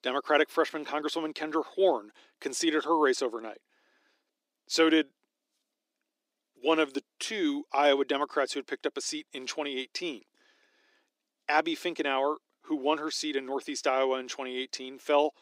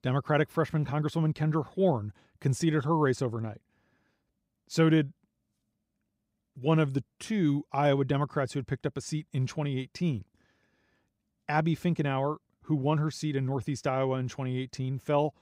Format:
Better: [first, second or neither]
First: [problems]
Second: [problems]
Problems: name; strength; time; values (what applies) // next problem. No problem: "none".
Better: second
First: thin; somewhat; fading below 300 Hz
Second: none